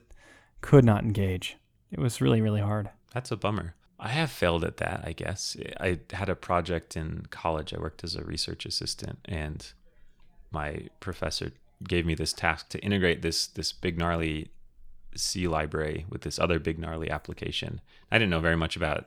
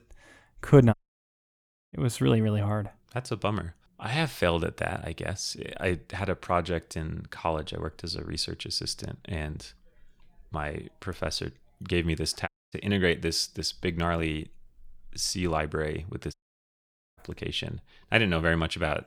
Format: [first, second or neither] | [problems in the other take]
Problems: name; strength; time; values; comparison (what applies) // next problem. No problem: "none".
first | audio cutting out; at 1 s for 1 s, at 12 s and at 16 s for 1 s